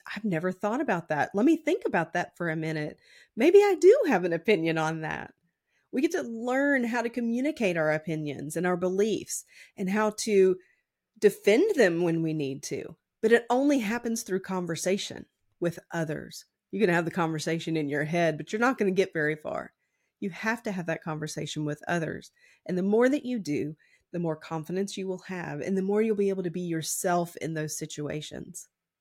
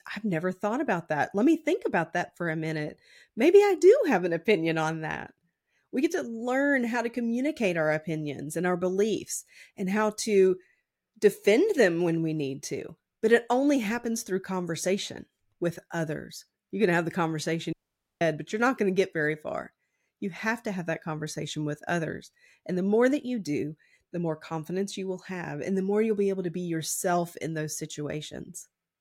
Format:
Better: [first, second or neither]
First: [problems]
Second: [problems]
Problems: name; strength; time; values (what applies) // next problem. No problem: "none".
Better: first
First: none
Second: audio cutting out; at 18 s